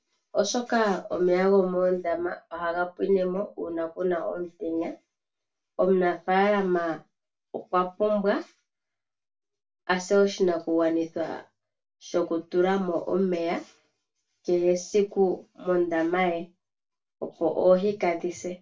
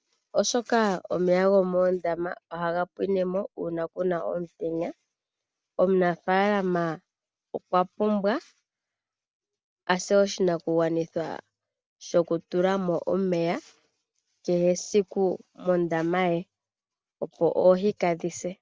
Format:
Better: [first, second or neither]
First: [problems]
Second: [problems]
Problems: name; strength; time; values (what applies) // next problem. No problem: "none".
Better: second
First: room echo; dies away in 0.2 s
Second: none